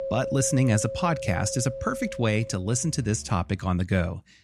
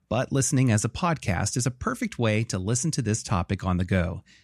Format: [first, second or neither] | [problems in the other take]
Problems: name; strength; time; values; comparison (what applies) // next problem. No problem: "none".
second | background music; loud; throughout; 10 dB below the speech